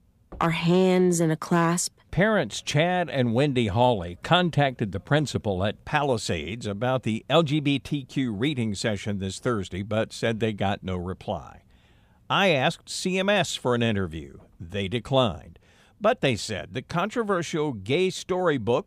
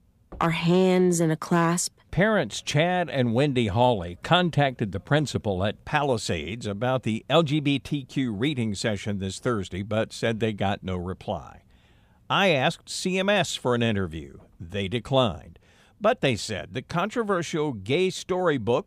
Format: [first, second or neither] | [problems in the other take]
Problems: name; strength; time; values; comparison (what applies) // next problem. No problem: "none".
neither | none